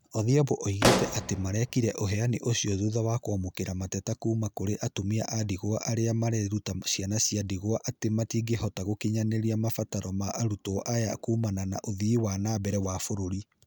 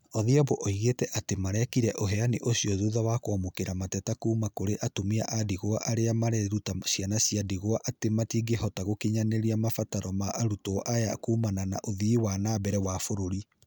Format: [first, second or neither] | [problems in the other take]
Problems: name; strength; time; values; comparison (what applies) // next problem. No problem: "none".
second | background sound (Explosion); 1 dB below the speech